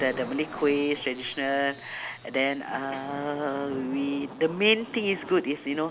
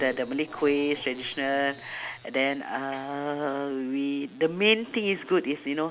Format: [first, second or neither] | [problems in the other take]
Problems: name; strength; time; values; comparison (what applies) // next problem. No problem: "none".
second | background sound (Thunder / Rain); 16 dB below the speech